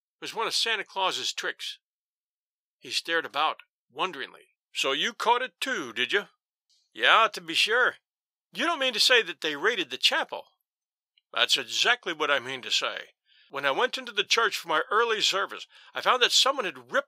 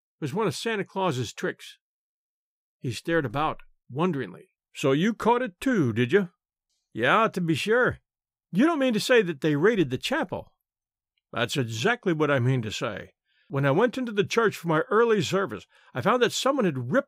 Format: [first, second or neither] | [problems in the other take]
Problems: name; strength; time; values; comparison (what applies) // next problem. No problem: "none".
second | thin; very; fading below 700 Hz